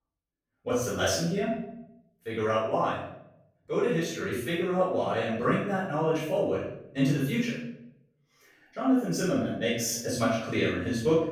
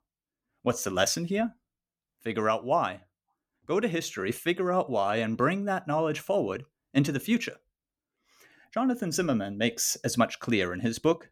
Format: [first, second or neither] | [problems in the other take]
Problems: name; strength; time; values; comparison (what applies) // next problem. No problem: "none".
second | room echo; noticeable; dies away in 0.7 s // off-mic speech; far